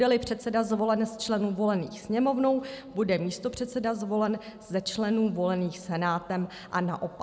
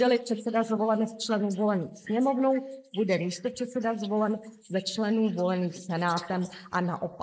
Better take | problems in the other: first | noise reduction (neural mask model Resemble Enhance denoiser)

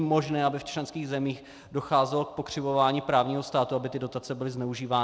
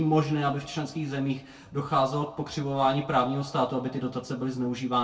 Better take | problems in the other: first | room echo; dies away in 0.2 s

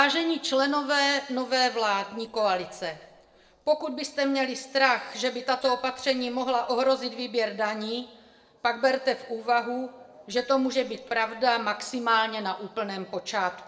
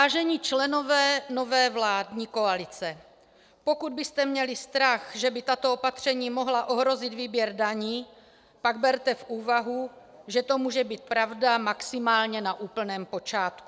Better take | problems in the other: second | noise reduction (neural separator model SepFormer DNS4)

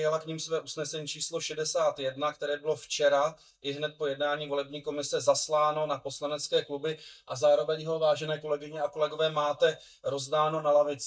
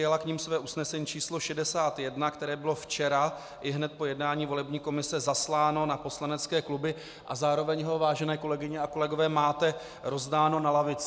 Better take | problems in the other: second | noise reduction (neural mask model DeepFilterNet 3)

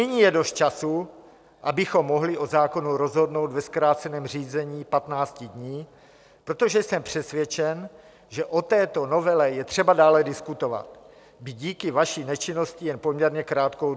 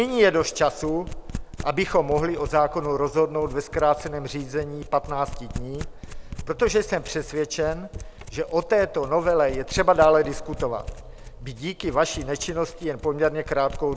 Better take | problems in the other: first | background sound (Domestic sounds, home sounds); 12 dB below the speech

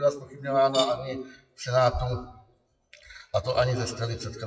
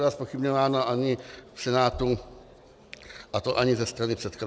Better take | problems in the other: second | noise reduction (classical method WPE with log-MMSE)

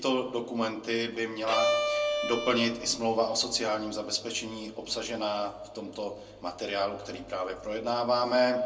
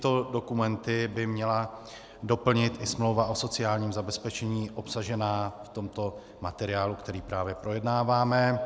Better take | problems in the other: second | background sound (Bowed string instrument); as loud as the speech // room echo; dies away in 0.2 s

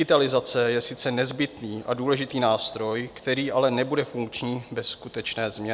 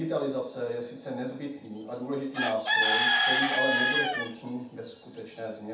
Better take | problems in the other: first | background sound (Bird / Chicken, rooster); 5 dB above the speech // room echo; dies away in 0.7 s

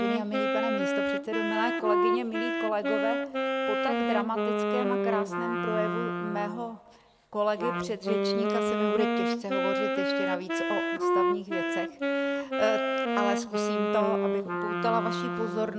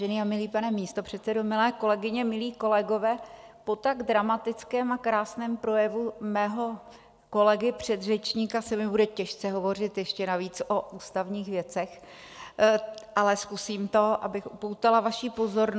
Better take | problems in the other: second | background sound (Wind instrument, woodwind instrument); 4 dB above the speech

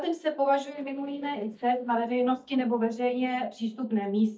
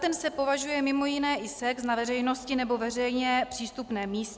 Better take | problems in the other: second | noise reduction (neural mask model DeepFilterNet 3)

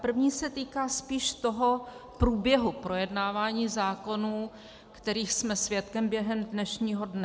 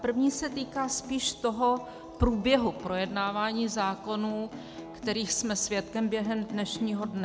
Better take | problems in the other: first | background sound (Acoustic guitar); 16 dB below the speech

